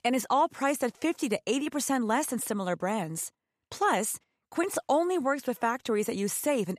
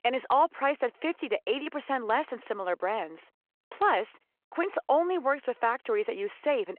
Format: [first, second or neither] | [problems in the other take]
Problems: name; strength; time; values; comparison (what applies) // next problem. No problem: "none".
first | phone-call audio